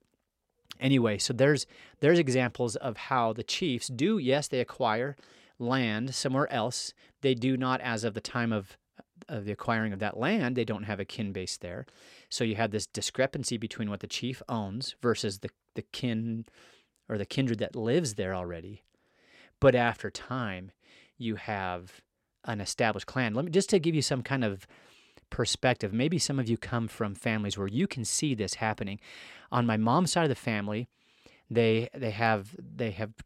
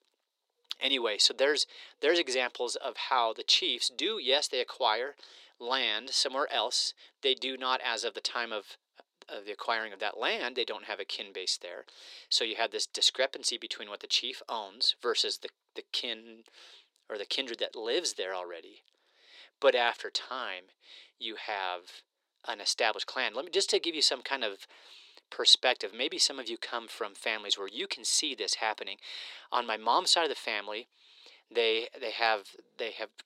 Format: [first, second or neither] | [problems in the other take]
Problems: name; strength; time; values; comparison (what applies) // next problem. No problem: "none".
first | thin; very; fading below 350 Hz